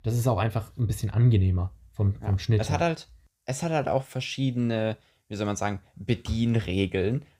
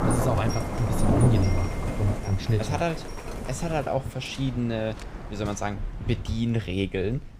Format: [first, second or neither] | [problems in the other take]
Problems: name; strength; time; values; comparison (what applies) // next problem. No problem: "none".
first | rain or running water; loud; throughout; 4 dB below the speech